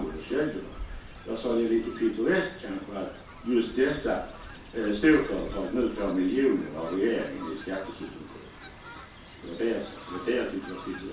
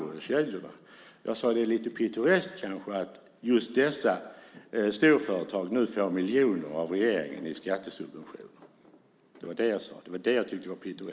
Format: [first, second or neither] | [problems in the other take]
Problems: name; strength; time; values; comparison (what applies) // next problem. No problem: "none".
second | background sound (Fowl); 15 dB below the speech // room echo; dies away in 0.3 s